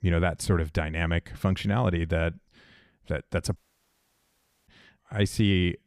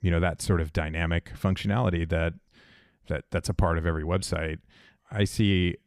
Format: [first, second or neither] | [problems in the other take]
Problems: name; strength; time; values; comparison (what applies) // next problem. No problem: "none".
second | audio cutting out; at 3.5 s for 1 s